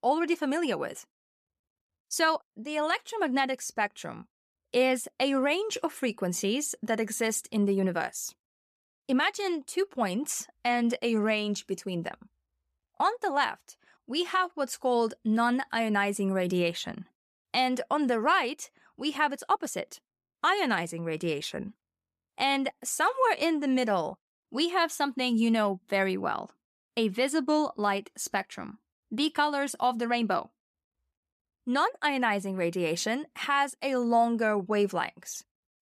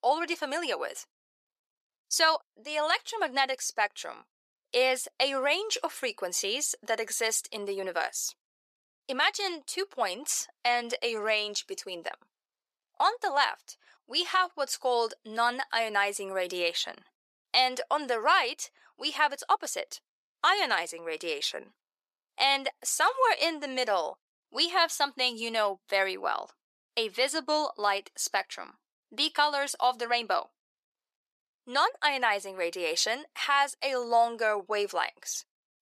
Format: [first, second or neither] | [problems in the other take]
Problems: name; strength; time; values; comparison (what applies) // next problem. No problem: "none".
first | thin; very; fading below 450 Hz